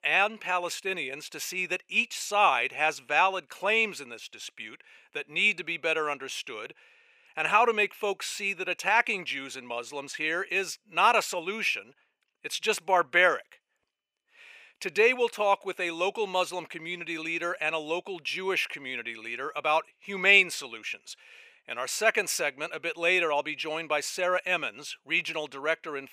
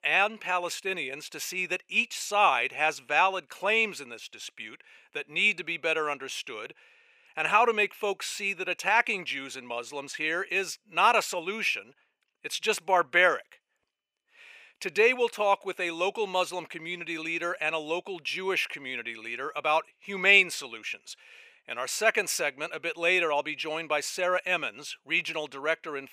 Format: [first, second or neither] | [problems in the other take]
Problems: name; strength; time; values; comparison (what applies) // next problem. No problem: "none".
neither | thin; very; fading below 550 Hz; the same in both